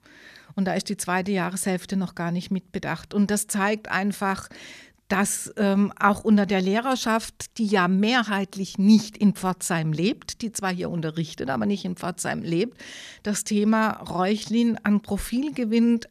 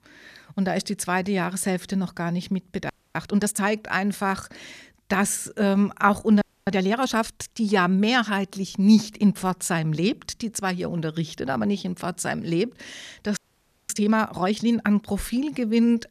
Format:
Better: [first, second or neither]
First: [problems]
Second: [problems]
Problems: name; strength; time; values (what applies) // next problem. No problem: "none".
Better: first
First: none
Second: audio freezing; at 3 s, at 6.5 s and at 13 s for 0.5 s